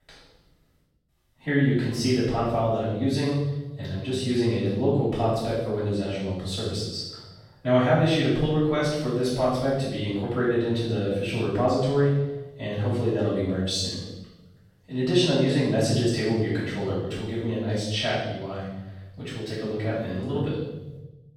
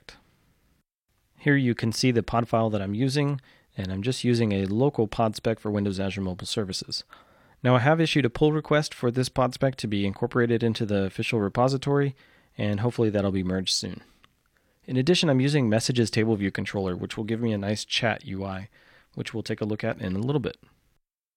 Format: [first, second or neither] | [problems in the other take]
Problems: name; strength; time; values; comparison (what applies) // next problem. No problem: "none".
second | off-mic speech; far // room echo; strong; dies away in 0.9 s